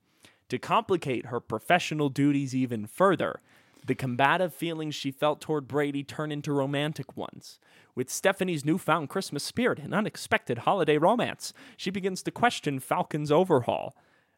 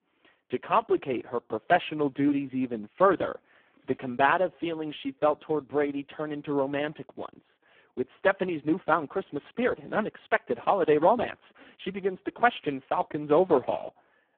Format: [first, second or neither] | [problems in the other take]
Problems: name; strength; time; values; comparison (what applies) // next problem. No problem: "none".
first | phone-call audio; poor line